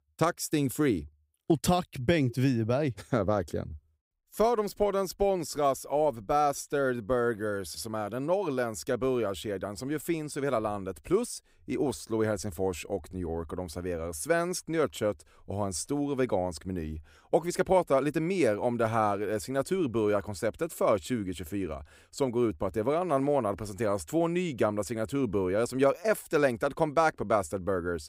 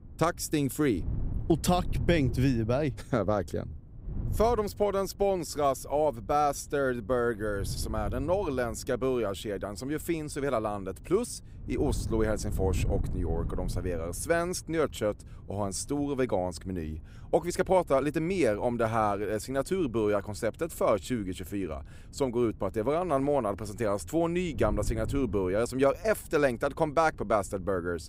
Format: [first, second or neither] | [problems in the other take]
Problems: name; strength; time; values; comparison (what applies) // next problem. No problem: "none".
first | wind noise on the microphone; occasional gusts; 25 dB below the speech